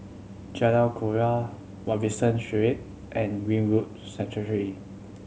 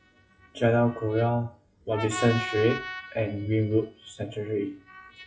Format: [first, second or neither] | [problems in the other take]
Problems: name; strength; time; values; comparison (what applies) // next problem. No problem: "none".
first | noise reduction (classical method WPE with log-MMSE)